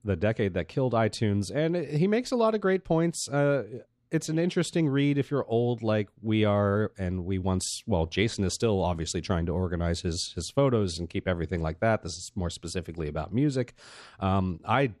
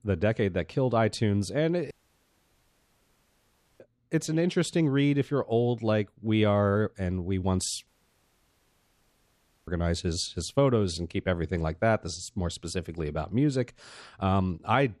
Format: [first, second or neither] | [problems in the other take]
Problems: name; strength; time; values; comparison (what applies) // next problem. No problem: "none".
first | audio cutting out; at 2 s for 2 s and at 8 s for 2 s